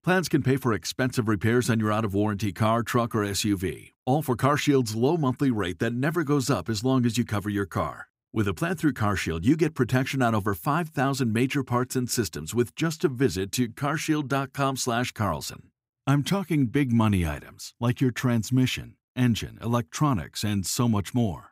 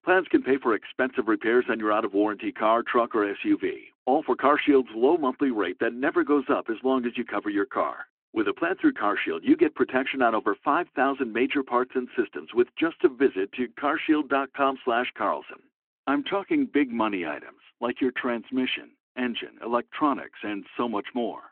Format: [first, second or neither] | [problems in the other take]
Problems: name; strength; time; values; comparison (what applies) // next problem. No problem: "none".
first | phone-call audio